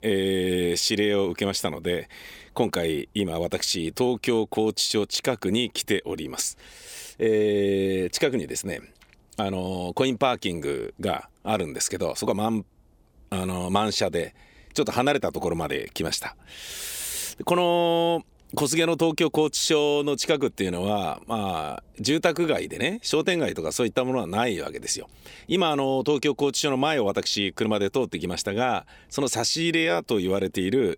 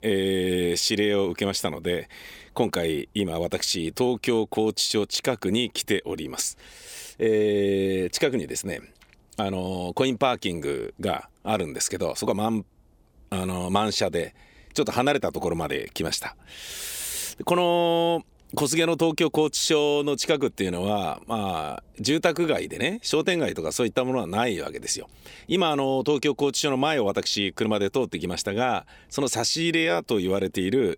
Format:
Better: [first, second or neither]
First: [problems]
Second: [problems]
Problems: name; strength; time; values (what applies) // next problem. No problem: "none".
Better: neither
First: none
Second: none